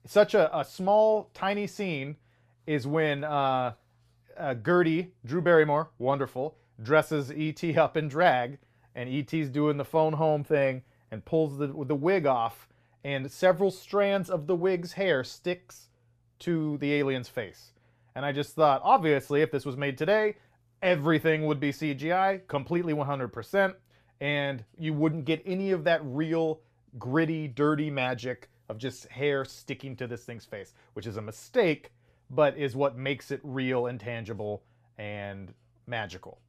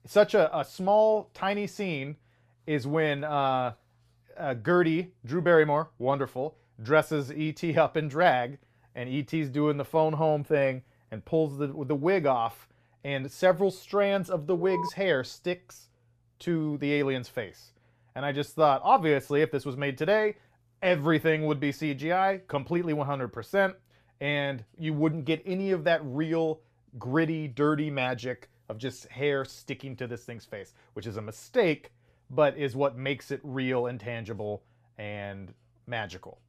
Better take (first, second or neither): first